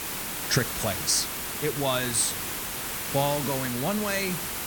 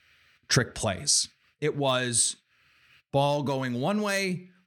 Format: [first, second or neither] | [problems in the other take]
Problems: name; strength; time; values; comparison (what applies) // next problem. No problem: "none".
second | hiss; loud; throughout; 3 dB below the speech